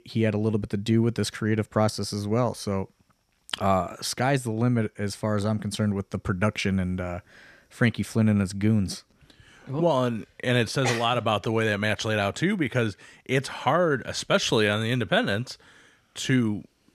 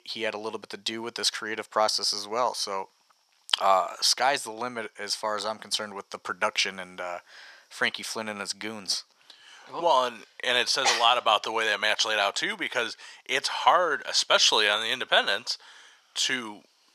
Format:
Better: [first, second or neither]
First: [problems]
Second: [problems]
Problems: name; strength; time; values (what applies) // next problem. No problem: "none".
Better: first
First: none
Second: thin; very; fading below 650 Hz